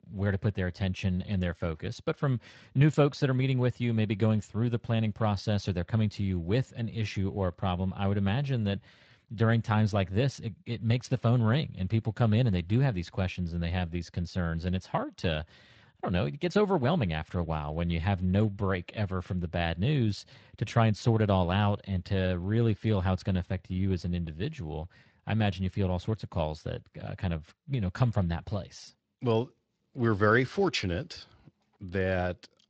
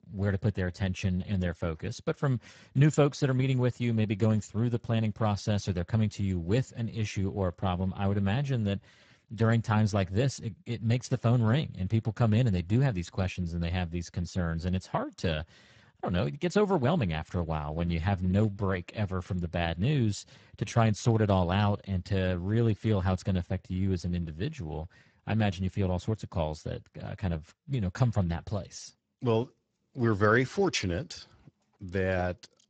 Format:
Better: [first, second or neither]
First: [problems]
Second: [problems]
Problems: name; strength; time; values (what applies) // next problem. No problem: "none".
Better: first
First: garbled, watery; slightly; nothing above 7.5 kHz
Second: garbled, watery; badly; nothing above 7.5 kHz